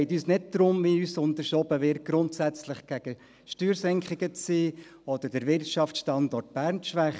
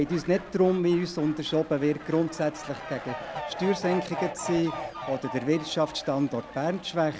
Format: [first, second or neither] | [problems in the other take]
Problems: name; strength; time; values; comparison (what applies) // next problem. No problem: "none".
first | background sound (Fowl); 11 dB below the speech